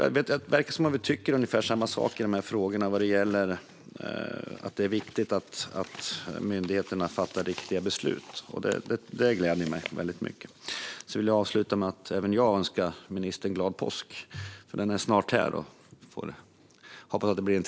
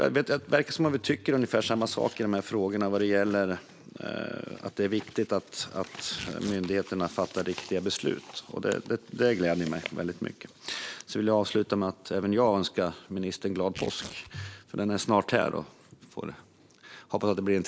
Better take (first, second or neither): first